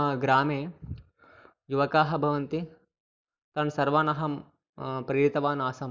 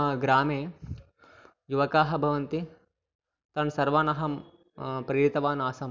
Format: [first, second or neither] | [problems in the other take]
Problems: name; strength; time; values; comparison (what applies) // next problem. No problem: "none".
second | noise reduction (neural mask model Resemble Enhance denoiser)